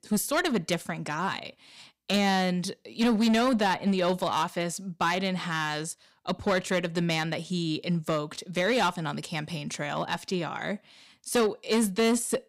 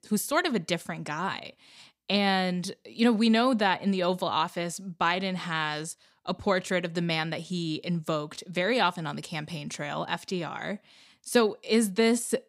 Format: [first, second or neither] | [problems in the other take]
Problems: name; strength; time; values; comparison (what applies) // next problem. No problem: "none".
second | distortion; slight; 6% of the sound clipped